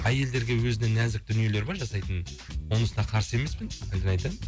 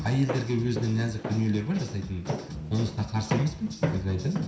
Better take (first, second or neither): first